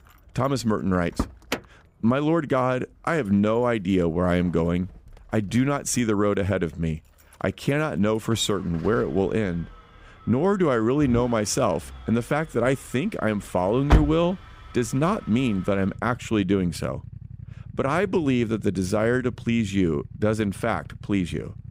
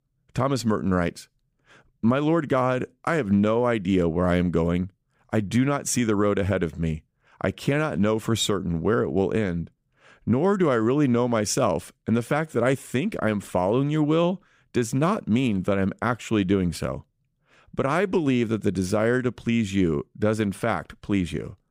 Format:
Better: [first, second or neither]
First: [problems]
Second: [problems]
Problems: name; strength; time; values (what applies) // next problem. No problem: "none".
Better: second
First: traffic noise; noticeable; throughout; 10 dB below the speech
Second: none